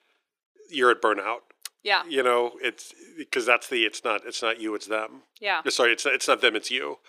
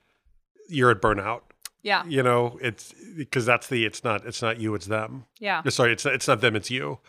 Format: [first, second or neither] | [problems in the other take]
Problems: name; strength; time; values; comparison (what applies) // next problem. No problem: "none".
second | thin; somewhat; fading below 350 Hz